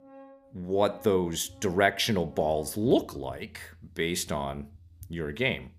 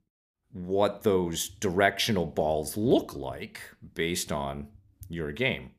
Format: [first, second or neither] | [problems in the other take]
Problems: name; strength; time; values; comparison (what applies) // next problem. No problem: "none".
second | background music; faint; throughout; 25 dB below the speech